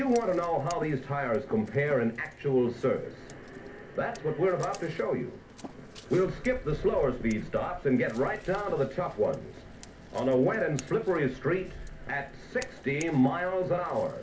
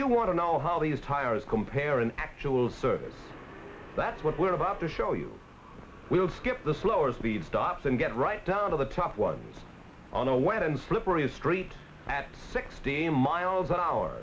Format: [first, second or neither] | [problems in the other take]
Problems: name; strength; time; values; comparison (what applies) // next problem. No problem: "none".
second | background sound (Scissors); 17 dB below the speech // room echo; dies away in 0.3 s